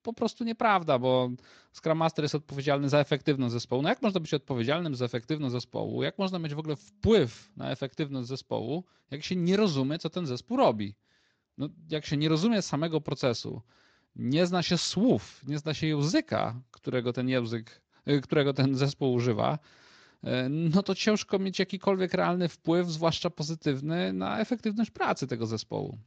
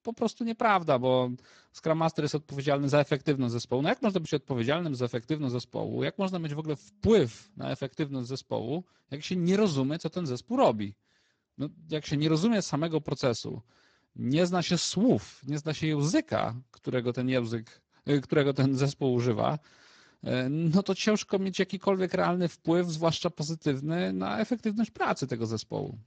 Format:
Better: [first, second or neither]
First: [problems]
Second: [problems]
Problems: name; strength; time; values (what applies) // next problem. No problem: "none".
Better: first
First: garbled, watery; slightly; nothing above 7.5 kHz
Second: garbled, watery; badly; nothing above 7.5 kHz